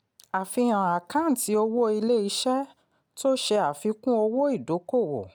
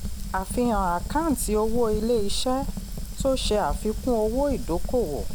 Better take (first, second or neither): first